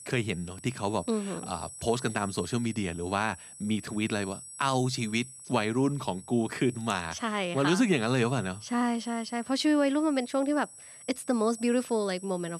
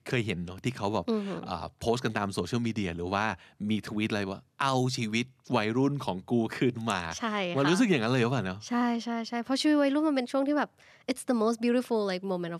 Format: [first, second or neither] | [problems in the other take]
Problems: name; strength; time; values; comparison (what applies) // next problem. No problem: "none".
second | high-pitched whine; noticeable; throughout; 8 kHz, 15 dB below the speech